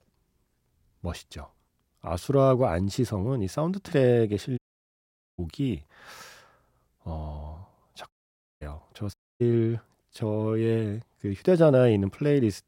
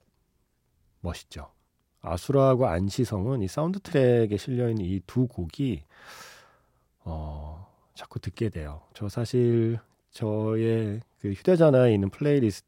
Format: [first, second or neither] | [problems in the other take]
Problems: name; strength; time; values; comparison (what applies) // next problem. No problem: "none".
second | audio cutting out; at 4.5 s for 1 s, at 8 s for 0.5 s and at 9 s